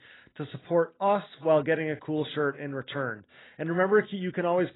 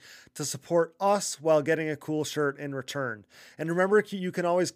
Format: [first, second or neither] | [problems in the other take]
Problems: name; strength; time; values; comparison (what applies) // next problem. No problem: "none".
second | garbled, watery; badly; nothing above 4 kHz